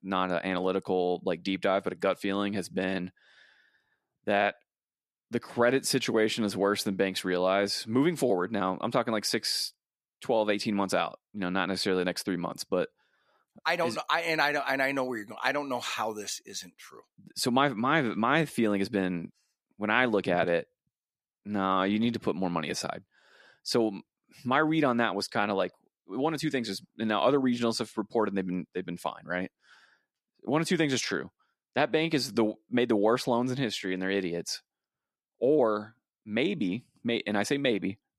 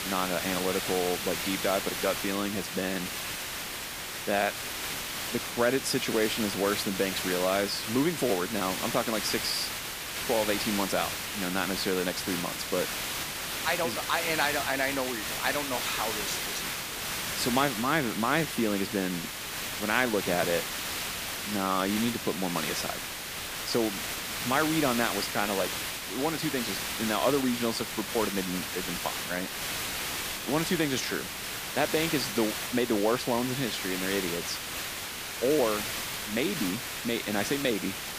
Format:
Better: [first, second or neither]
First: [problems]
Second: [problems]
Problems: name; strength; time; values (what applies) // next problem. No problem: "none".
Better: first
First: none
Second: hiss; loud; throughout; 2 dB below the speech